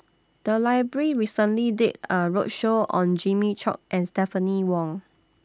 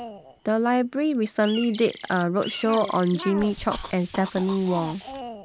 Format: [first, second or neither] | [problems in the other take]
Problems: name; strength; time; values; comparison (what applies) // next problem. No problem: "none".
first | background sound (Cough + Bird); 13 dB below the speech